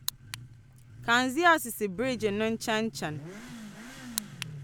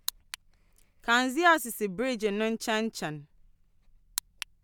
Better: second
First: background sound (Motorcycle / Accelerating, revving, vroom); 15 dB below the speech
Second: none

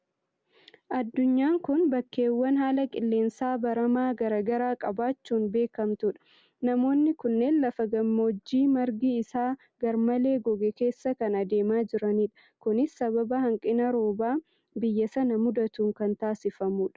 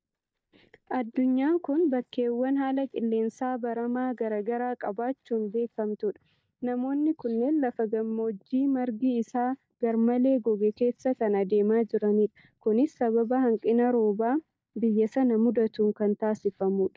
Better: first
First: none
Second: noise reduction (neural mask model DeepFilterNet 3)

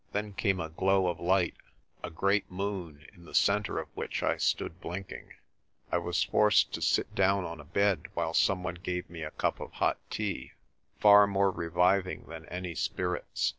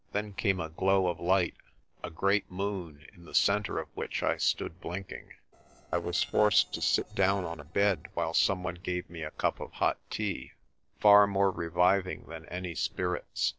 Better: first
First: none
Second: noise reduction (neural separator model SepFormer DNS4)

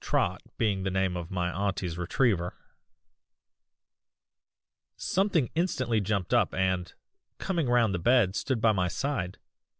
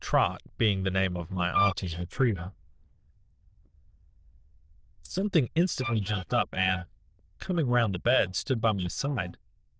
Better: first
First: none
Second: noise reduction (neural diffusion model UNIVERSE++)

